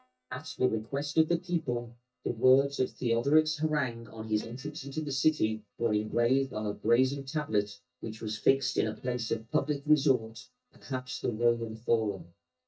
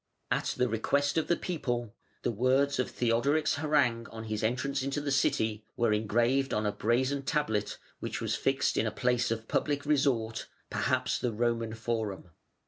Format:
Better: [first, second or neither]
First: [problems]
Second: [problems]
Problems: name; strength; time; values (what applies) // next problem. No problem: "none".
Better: second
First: noise reduction (neural mask model DeepFilterNet 3)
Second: none